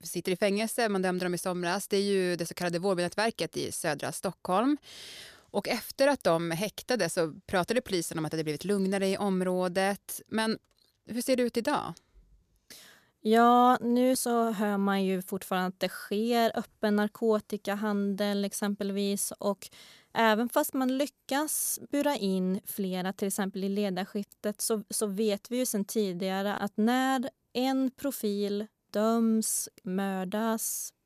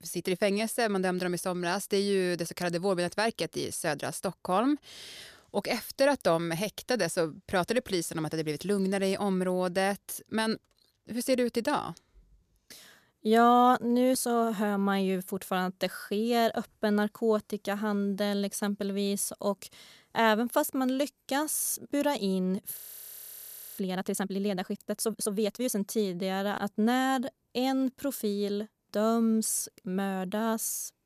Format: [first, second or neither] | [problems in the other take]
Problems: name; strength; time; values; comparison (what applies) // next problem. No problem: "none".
first | audio freezing; at 23 s for 1 s